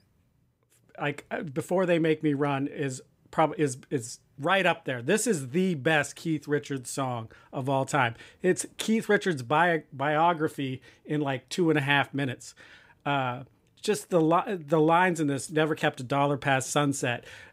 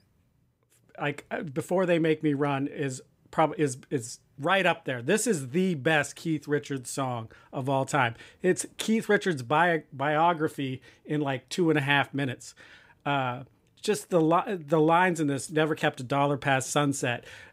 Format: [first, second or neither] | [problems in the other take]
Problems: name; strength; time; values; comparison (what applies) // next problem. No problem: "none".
neither | none